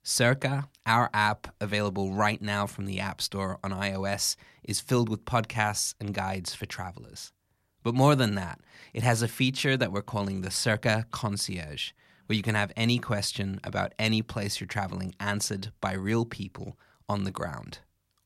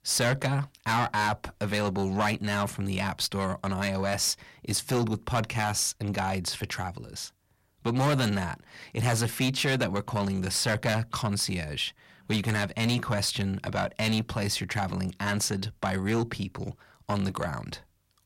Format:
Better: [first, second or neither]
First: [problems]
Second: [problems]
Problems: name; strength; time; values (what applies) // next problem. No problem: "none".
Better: first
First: none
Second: distortion; heavy; 8 dB below the speech